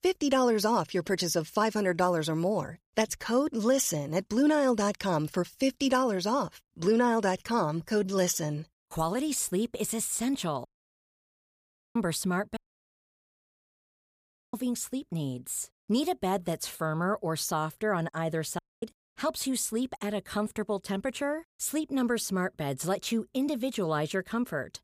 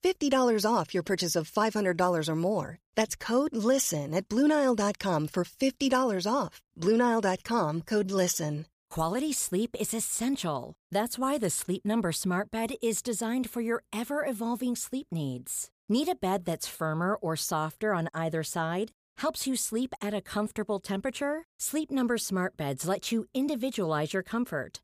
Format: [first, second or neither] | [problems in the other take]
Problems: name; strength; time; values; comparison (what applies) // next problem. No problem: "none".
second | audio cutting out; at 11 s for 1.5 s, at 13 s for 2 s and at 19 s